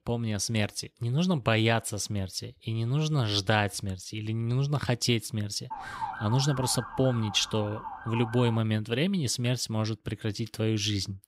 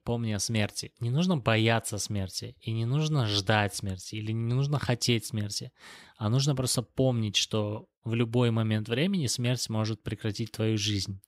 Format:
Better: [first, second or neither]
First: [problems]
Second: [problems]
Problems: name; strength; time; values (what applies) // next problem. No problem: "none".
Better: second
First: siren; noticeable; from 5.5 to 8.5 s; peak 7 dB below the speech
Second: none